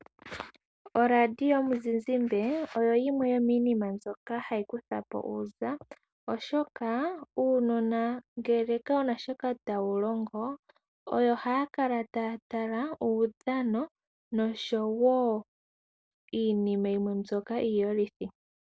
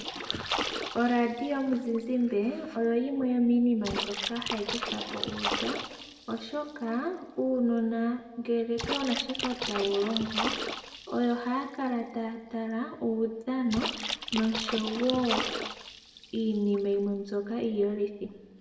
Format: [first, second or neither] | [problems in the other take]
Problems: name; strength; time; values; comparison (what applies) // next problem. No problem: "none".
first | background sound (Splash, splatter); 7 dB below the speech // room echo; dies away in 1 s